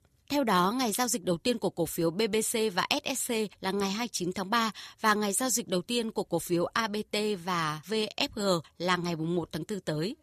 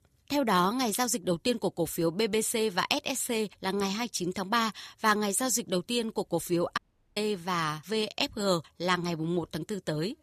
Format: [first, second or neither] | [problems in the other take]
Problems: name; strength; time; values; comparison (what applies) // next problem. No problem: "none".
first | audio cutting out; at 7 s